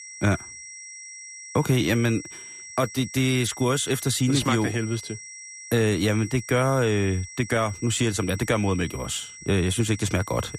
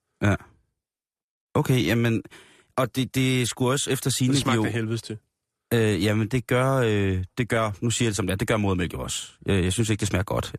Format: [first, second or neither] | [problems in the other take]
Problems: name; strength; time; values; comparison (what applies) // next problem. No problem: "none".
second | high-pitched whine; noticeable; throughout; 5.5 kHz, 15 dB below the speech